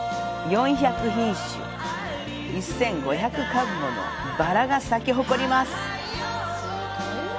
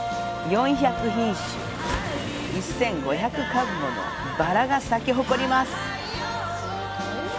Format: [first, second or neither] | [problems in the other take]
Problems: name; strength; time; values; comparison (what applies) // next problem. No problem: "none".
first | background sound (Waves, surf); 13 dB below the speech